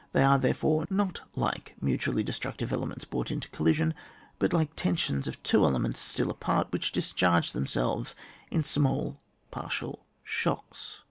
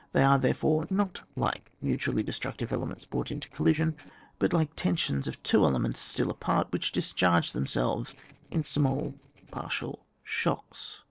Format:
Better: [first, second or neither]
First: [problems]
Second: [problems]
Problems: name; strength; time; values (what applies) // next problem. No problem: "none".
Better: first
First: none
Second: noise reduction (neural separator model SepFormer DNS4)